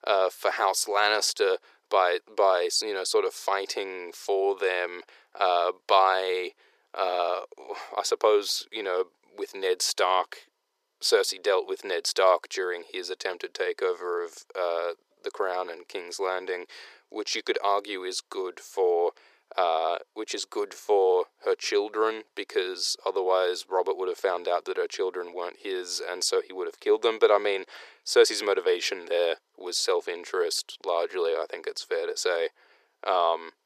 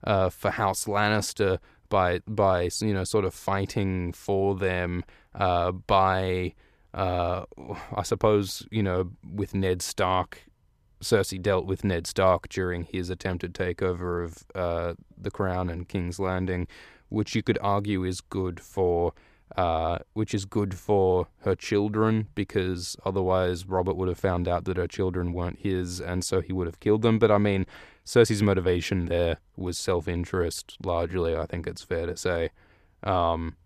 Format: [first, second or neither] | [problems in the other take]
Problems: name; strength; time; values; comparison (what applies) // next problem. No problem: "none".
second | thin; very; fading below 400 Hz